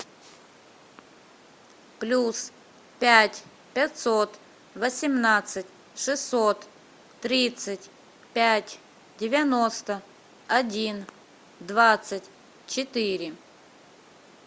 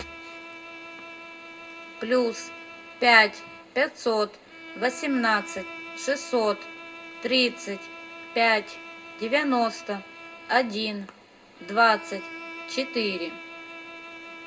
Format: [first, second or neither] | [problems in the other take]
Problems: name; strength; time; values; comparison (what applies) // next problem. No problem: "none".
first | background sound (Bowed string instrument); 14 dB below the speech // room echo; dies away in 0.2 s